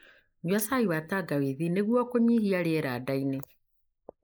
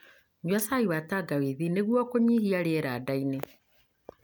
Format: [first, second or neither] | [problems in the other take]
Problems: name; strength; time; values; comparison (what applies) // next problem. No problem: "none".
second | noise reduction (neural mask model Resemble Enhance denoiser)